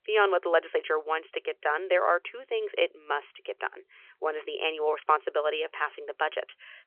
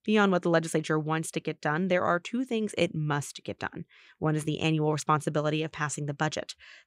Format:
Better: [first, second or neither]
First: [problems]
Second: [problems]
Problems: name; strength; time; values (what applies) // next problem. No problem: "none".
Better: second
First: phone-call audio; nothing above 3.5 kHz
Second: none